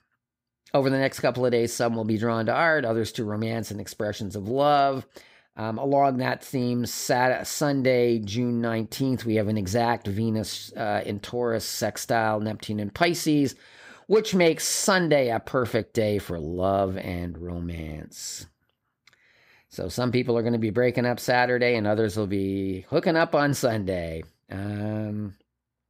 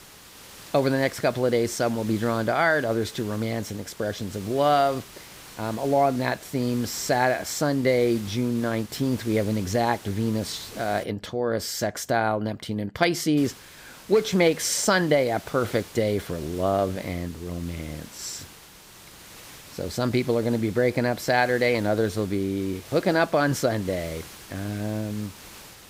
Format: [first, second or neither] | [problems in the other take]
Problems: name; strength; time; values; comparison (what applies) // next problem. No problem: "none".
first | hiss; noticeable; until 11 s and from 13 s on; 20 dB below the speech